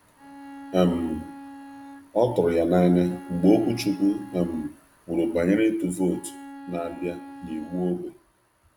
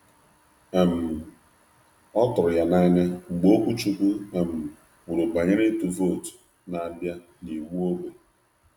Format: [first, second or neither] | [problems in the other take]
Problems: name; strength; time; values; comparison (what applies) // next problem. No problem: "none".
second | background sound (Bowed string instrument); 17 dB below the speech